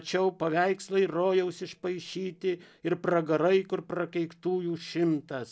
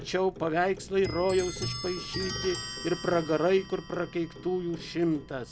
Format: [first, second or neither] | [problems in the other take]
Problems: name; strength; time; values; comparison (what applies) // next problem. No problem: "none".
first | background sound (Clock); 10 dB below the speech